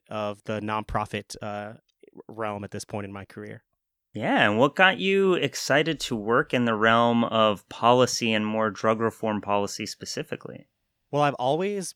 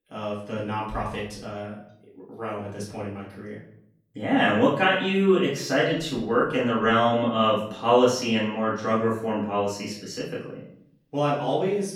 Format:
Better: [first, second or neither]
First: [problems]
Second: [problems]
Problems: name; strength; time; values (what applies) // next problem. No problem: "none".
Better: first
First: none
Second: room echo; noticeable; dies away in 0.6 s // off-mic speech; far